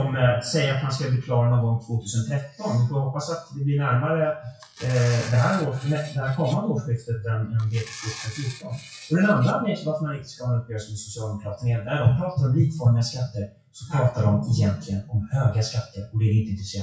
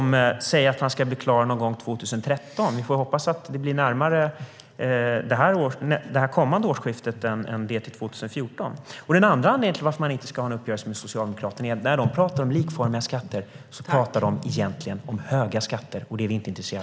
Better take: second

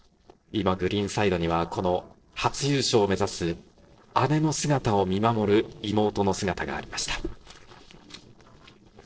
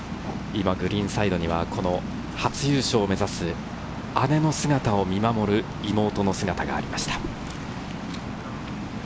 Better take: second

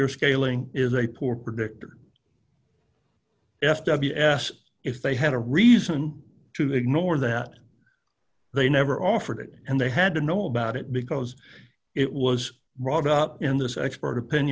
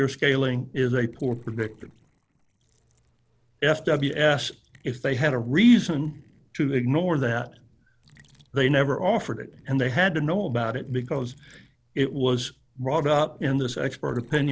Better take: first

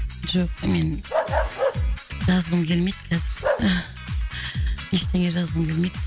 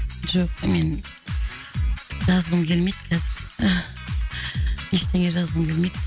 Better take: second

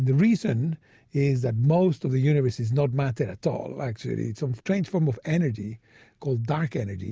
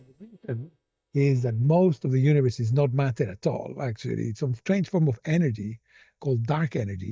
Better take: first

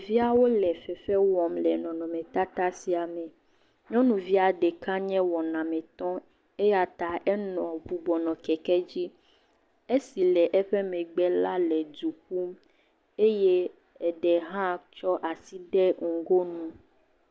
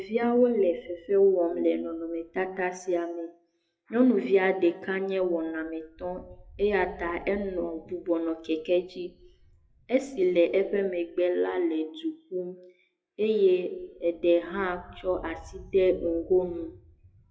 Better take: first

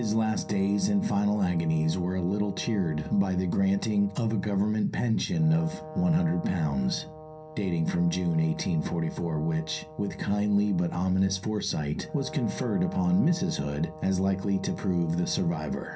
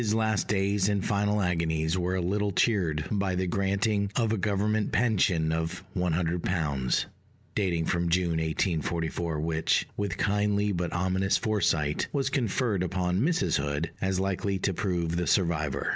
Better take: second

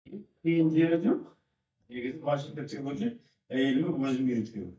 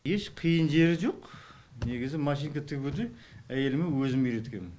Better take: second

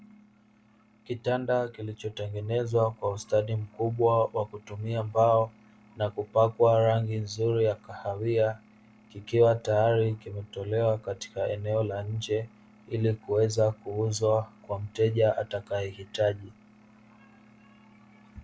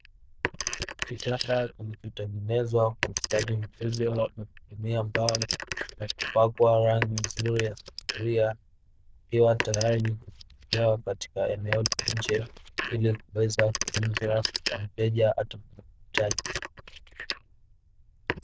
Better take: first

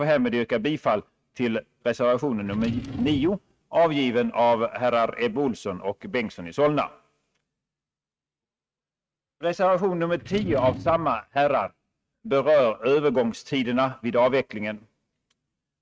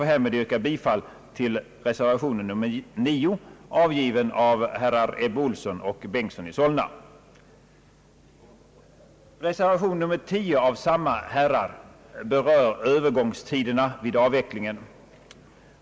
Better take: second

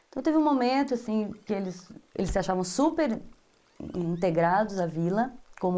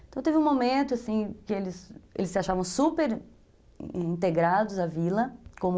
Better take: second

